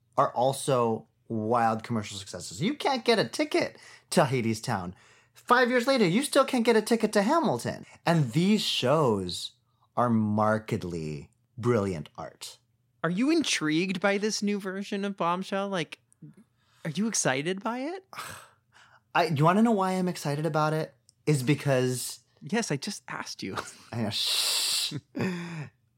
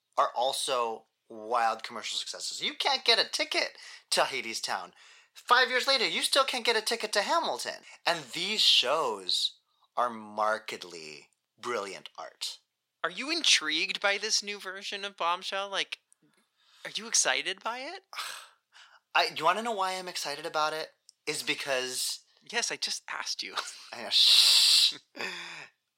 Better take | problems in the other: first | thin; very; fading below 650 Hz

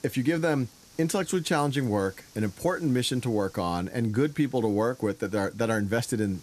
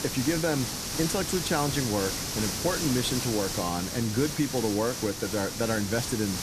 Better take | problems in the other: first | hiss; loud; throughout; 2 dB below the speech; faint in the first

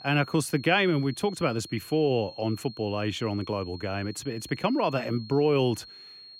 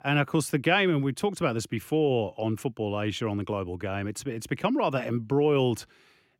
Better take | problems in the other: second | high-pitched whine; noticeable; throughout; 4.5 kHz, 15 dB below the speech

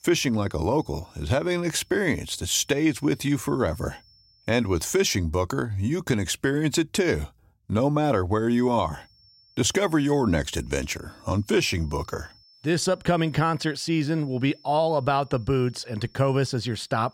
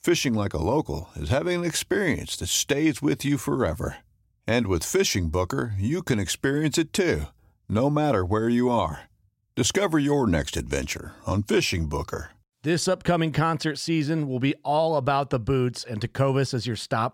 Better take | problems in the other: second | high-pitched whine; faint; until 5 s and from 8.5 s on; 5.5 kHz, 30 dB below the speech

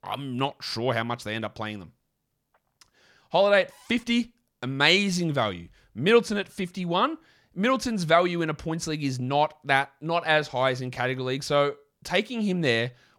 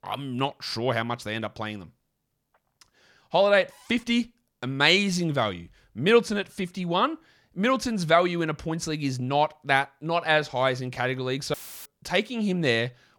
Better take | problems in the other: first | audio cutting out; filled with static; at 12 s

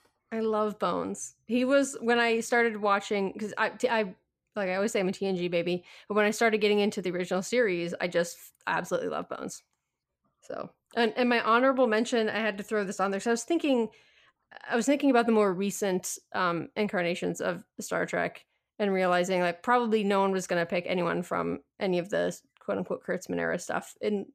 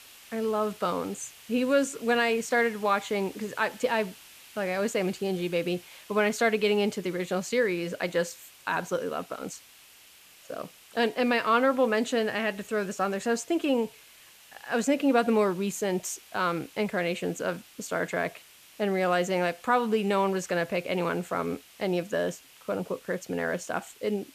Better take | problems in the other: first | hiss; faint; throughout; 20 dB below the speech

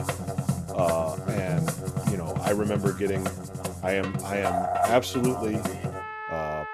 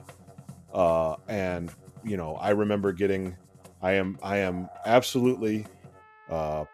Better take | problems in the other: second | background music; loud; throughout; 2 dB below the speech; faint in the second

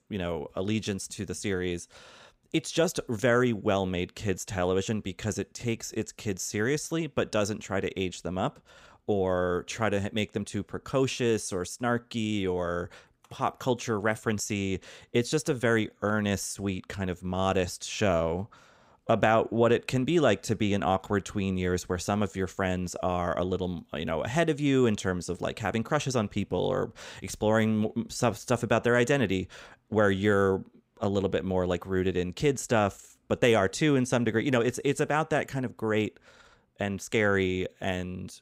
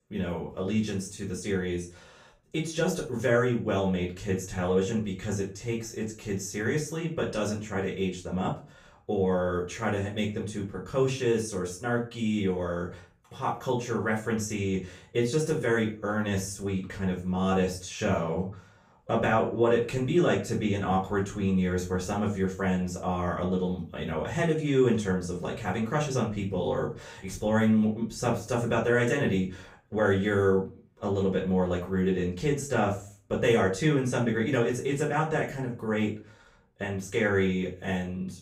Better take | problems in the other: first | room echo; slight; dies away in 0.3 s // off-mic speech; far

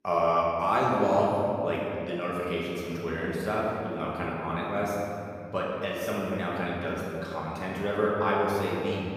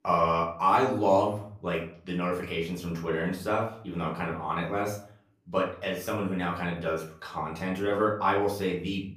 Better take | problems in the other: second | room echo; strong; dies away in 2.6 s; slight in the second // off-mic speech; far; far in the second

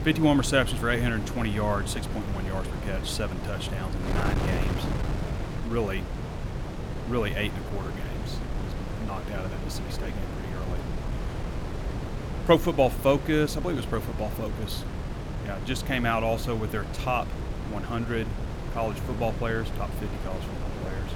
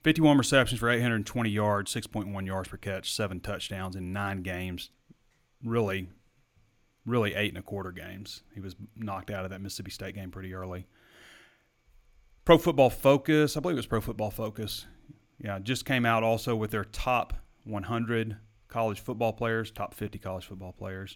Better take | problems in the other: second | wind noise on the microphone; heavy; 9 dB below the speech

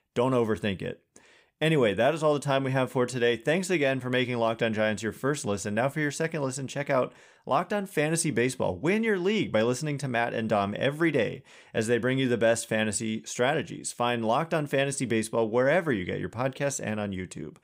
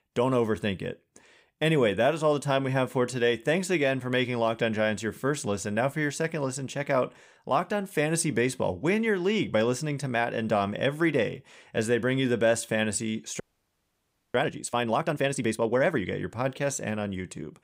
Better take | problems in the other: first | audio freezing; at 13 s for 1 s

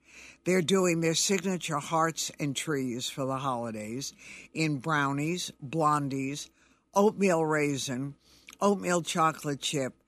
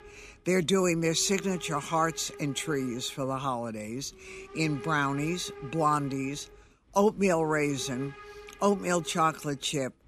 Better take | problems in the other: first | hiss; noticeable; throughout; 15 dB below the speech

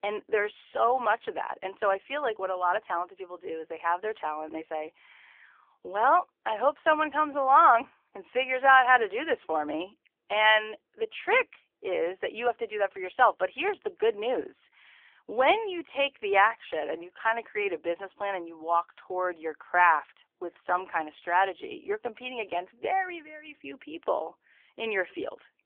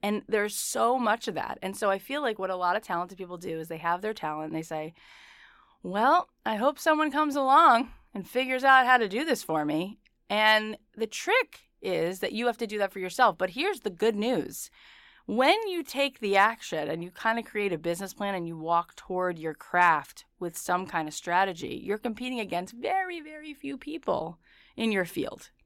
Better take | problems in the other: second | phone-call audio; nothing above 3.5 kHz

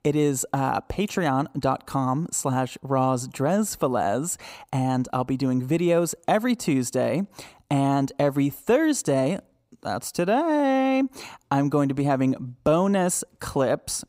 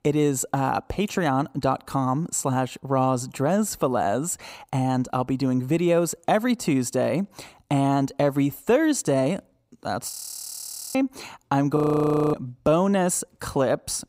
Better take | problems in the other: first | audio freezing; at 10 s for 1 s and at 12 s for 0.5 s

